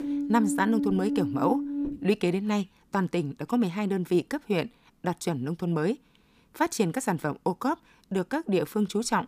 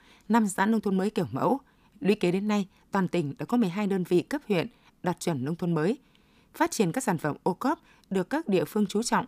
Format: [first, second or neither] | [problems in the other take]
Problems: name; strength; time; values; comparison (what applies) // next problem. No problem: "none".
second | alarms or sirens; loud; until 2.5 s; 2 dB below the speech